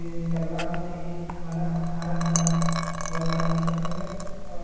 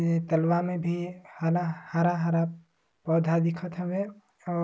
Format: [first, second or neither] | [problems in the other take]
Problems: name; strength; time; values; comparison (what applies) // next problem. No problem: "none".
second | background sound (Liquid); as loud as the speech // room echo; dies away in 2.2 s